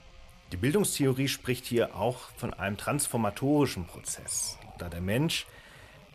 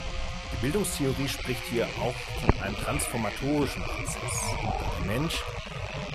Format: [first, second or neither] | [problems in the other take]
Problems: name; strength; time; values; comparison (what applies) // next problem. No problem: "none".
first | low rumble; loud; throughout; 1 dB below the speech; faint in the first